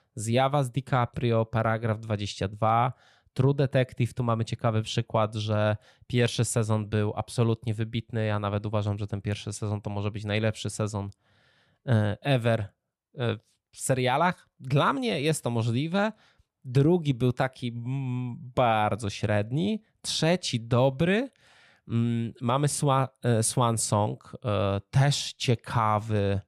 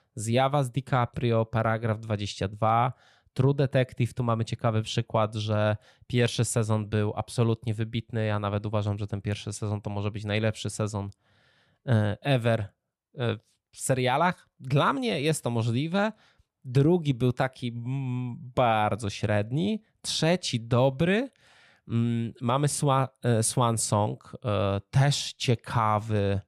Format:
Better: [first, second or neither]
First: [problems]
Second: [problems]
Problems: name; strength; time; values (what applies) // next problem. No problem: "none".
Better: neither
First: none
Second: none